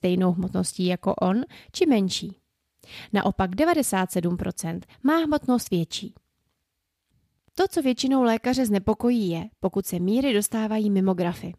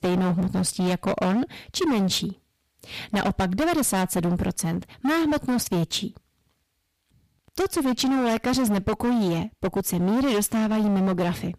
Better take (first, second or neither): first